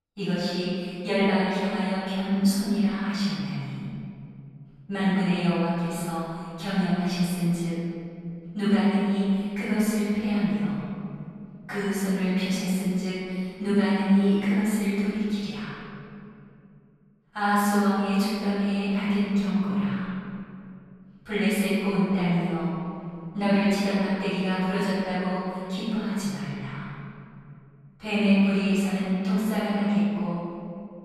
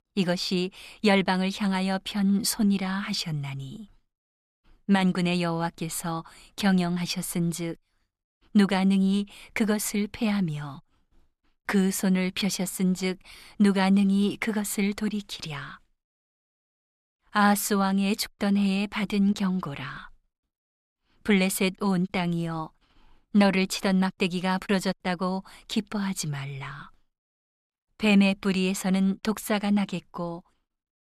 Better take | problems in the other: second | room echo; strong; dies away in 2.6 s // off-mic speech; far

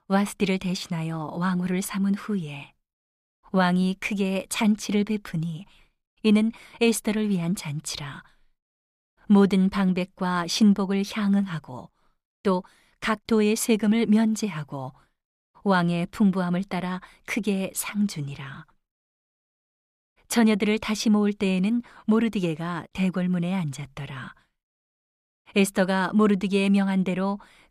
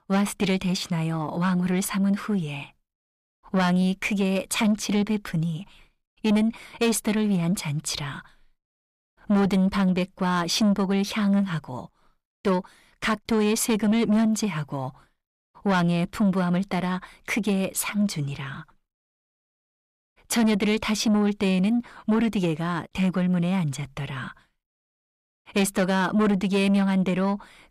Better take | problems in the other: first | distortion; slight; 10 dB below the speech

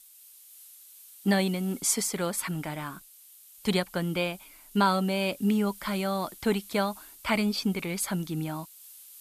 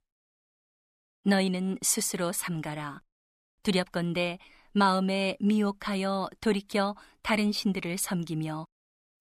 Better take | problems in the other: second | hiss; noticeable; throughout; 20 dB below the speech

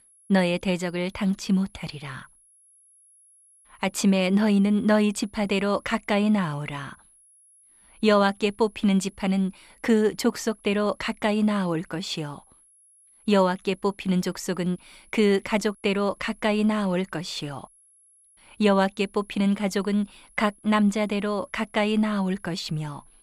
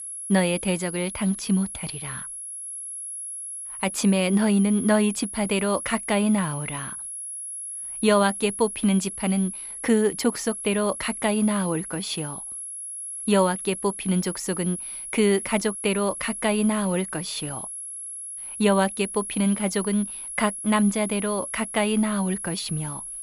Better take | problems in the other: first | high-pitched whine; loud; throughout; 11 kHz, 8 dB below the speech; faint in the first

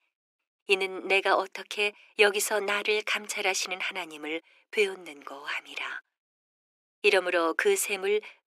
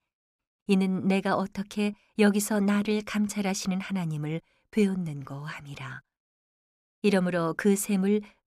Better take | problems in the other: second | thin; very; fading below 350 Hz

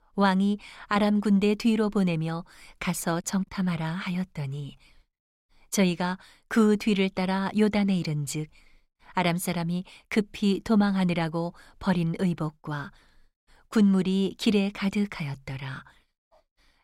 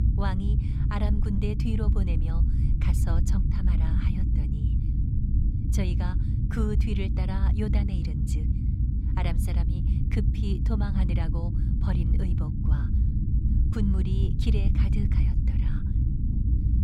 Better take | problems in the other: first | low rumble; loud; throughout; 1 dB below the speech

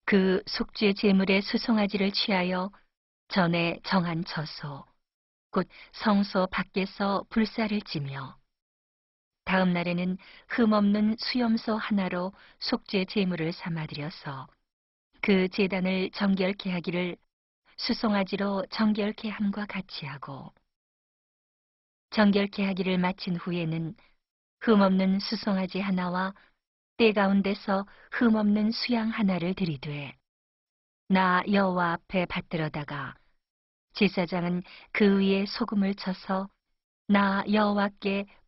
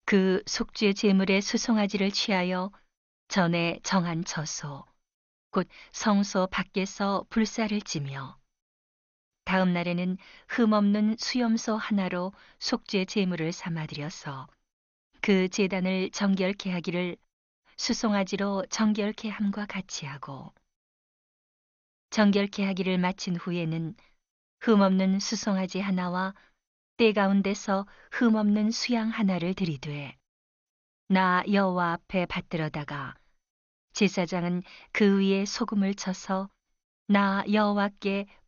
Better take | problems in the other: second | garbled, watery; badly; nothing above 5.5 kHz; slightly in the second

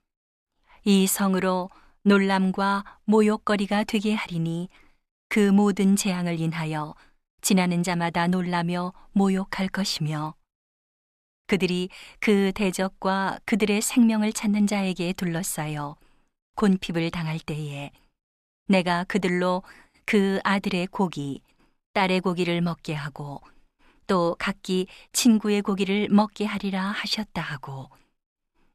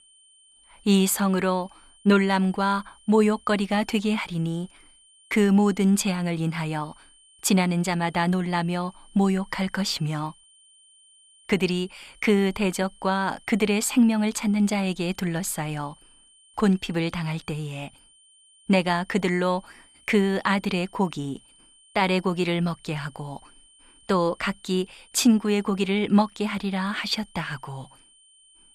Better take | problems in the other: first | high-pitched whine; faint; throughout; 3 kHz, 30 dB below the speech

